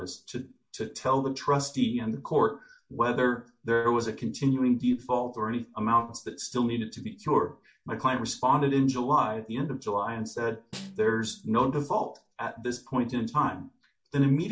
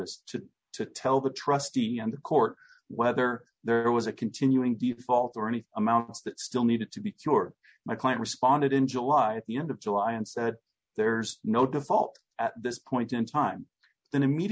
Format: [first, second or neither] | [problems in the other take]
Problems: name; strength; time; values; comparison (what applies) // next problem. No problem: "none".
second | background sound (Snare drum); 19 dB below the speech // room echo; dies away in 0.3 s